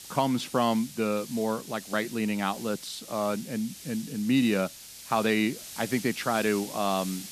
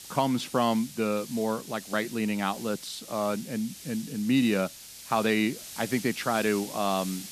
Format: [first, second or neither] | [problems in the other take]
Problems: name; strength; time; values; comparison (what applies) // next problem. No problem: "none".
neither | hiss; noticeable; throughout; 10 dB below the speech; the same in both